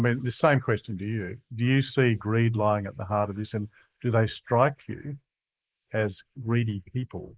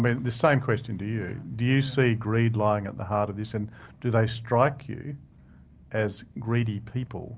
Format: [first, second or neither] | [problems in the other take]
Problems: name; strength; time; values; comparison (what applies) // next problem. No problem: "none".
second | noise reduction (neural mask model Resemble Enhance denoiser)